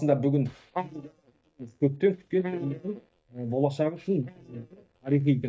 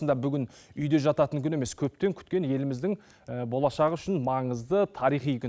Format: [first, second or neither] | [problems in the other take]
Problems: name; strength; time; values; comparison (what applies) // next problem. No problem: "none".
second | noise reduction (neural mask model DeepFilterNet 3)